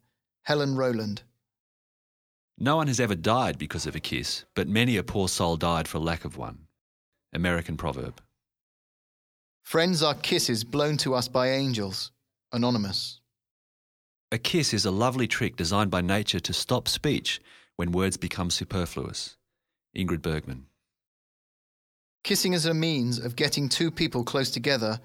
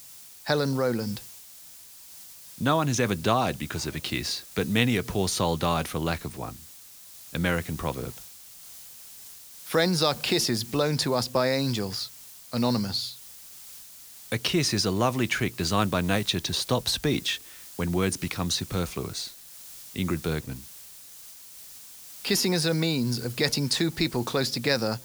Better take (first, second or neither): first